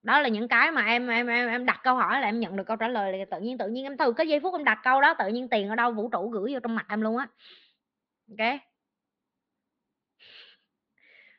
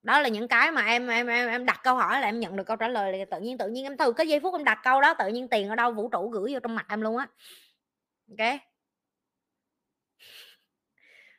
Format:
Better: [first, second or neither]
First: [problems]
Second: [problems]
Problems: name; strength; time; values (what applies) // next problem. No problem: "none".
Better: second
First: muffled; very slightly; fading above 4 kHz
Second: none